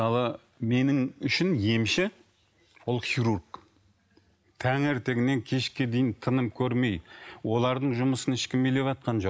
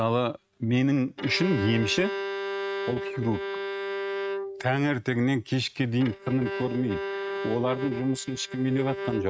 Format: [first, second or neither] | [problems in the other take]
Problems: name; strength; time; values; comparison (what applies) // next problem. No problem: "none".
first | noise reduction (neural mask model RNNoise)